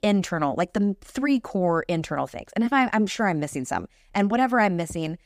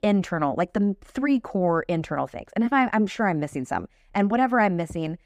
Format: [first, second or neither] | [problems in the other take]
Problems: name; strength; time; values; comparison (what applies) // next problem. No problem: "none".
first | muffled; slightly; fading above 3 kHz